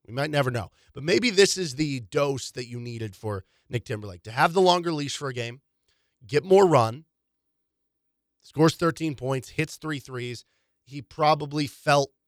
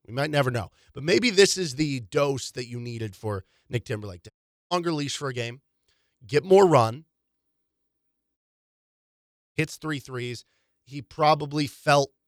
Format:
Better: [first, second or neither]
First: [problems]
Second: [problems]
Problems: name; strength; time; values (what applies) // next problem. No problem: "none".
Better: first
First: none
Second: audio cutting out; at 4.5 s and at 8.5 s for 1 s